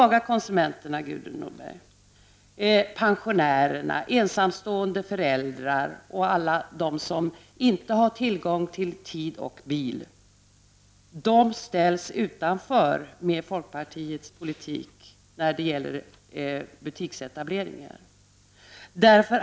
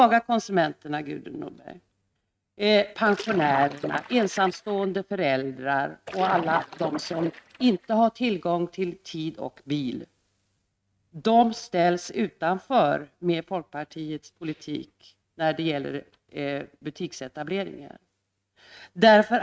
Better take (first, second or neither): first